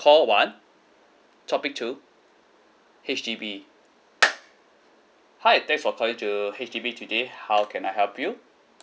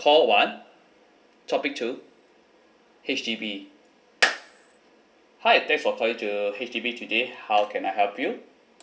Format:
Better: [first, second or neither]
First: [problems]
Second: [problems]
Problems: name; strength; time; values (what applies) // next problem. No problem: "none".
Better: first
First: none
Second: room echo; dies away in 0.5 s